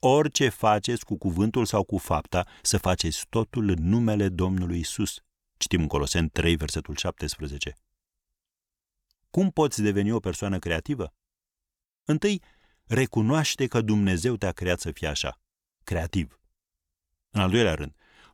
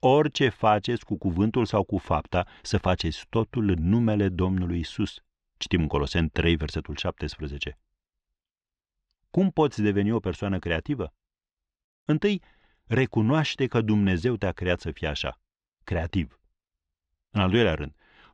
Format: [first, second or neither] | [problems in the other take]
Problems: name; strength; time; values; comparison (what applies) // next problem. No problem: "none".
first | muffled; slightly; fading above 4 kHz